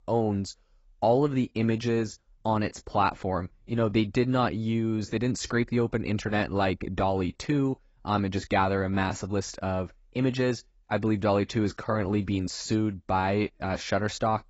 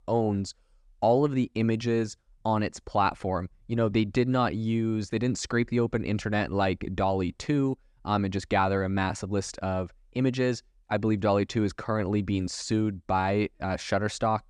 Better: second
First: garbled, watery; badly; nothing above 7.5 kHz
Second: none

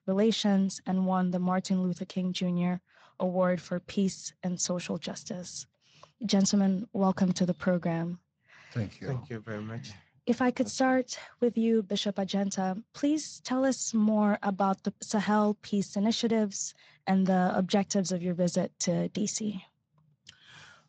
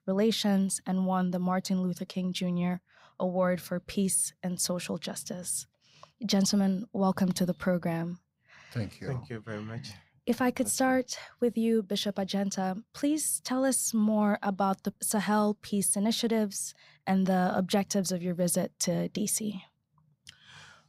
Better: second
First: garbled, watery; slightly; nothing above 7.5 kHz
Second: none

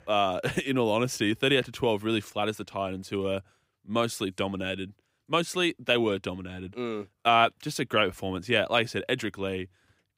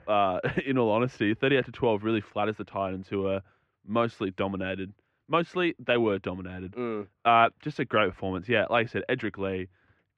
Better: first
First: none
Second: muffled; very; fading above 2 kHz

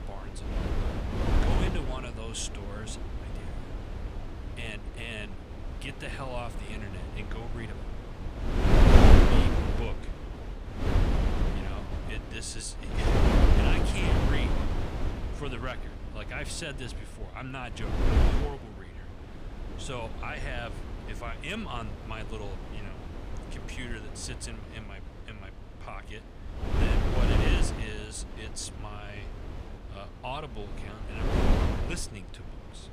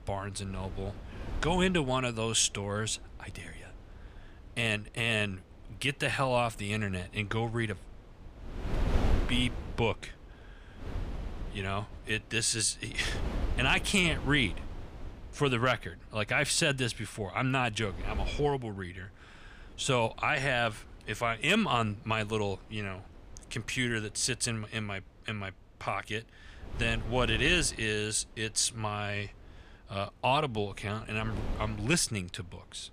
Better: second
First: wind noise on the microphone; heavy; 4 dB above the speech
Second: wind noise on the microphone; occasional gusts; 15 dB below the speech

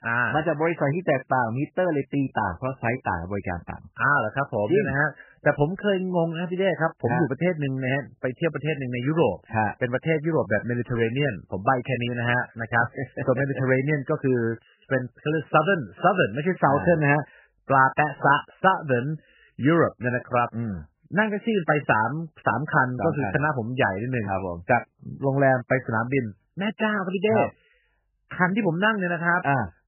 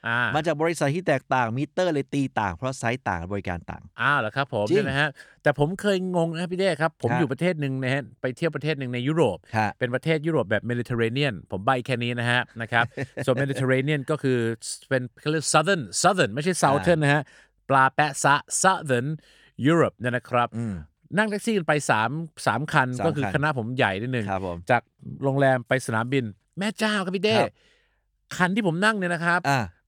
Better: second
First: garbled, watery; badly; nothing above 3 kHz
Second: none

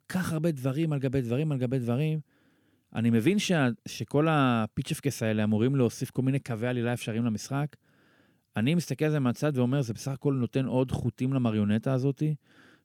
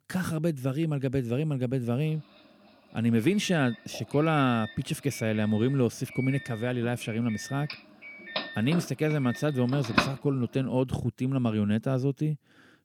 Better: first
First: none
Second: doorbell; loud; from 7.5 to 10 s; peak 1 dB above the speech

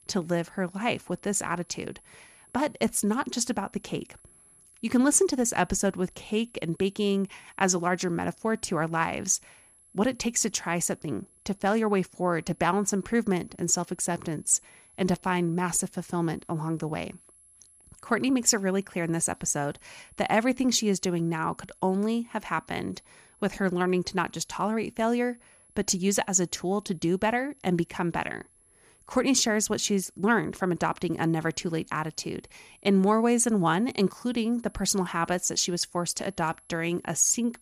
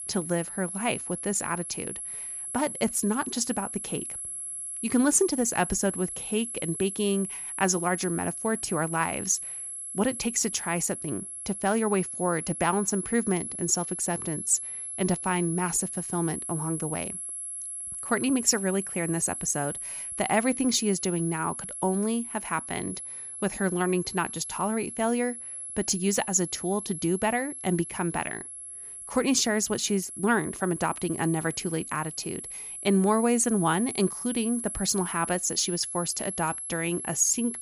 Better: first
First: high-pitched whine; faint; throughout; 11 kHz, 30 dB below the speech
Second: high-pitched whine; loud; throughout; 11 kHz, 6 dB below the speech

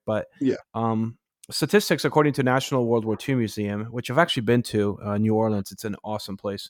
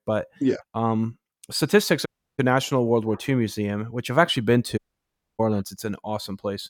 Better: first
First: none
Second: audio cutting out; at 2 s and at 5 s for 0.5 s

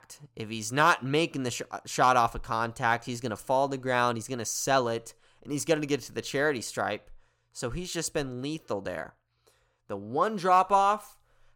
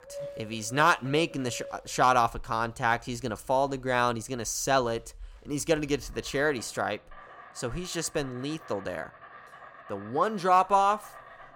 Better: first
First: none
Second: animal sounds; faint; throughout; 20 dB below the speech

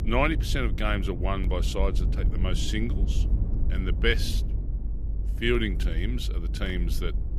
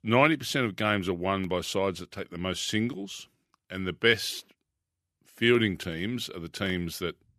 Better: second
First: low rumble; noticeable; throughout; 15 dB below the speech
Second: none

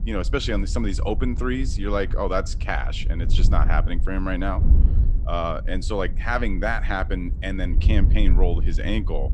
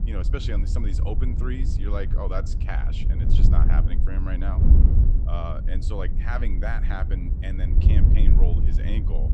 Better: first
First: wind noise on the microphone; occasional gusts; 15 dB below the speech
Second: wind noise on the microphone; heavy; 3 dB below the speech

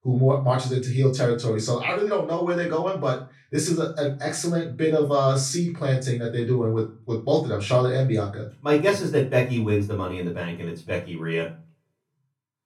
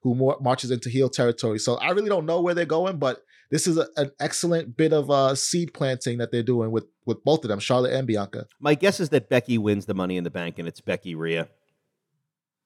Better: second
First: off-mic speech; far // room echo; slight; dies away in 0.3 s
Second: none

